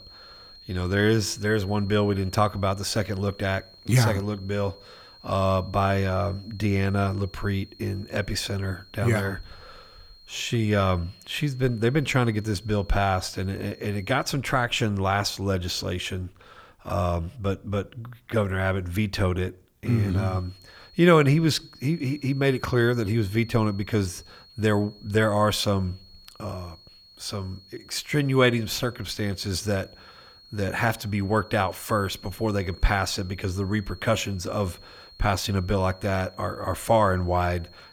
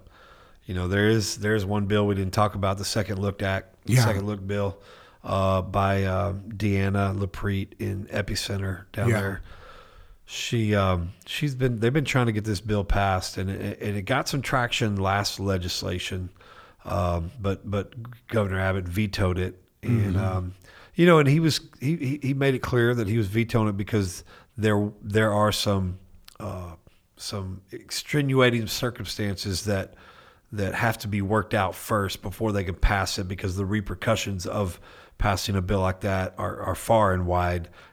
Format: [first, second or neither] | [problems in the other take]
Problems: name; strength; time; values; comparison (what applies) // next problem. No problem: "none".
second | high-pitched whine; faint; until 14 s and from 20 s on; 4 kHz, 25 dB below the speech